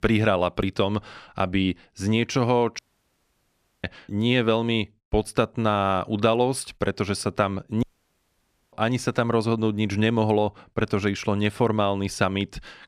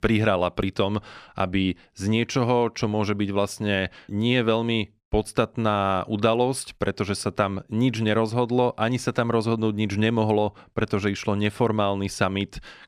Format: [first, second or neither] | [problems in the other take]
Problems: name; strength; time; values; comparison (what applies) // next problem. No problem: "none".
second | audio cutting out; at 3 s for 1 s and at 8 s for 1 s